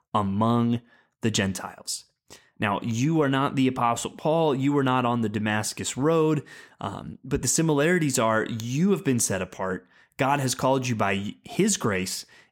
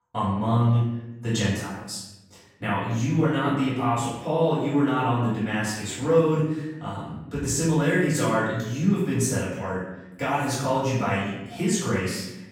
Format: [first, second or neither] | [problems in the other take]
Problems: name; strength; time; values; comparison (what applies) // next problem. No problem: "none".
first | off-mic speech; far // room echo; noticeable; dies away in 0.9 s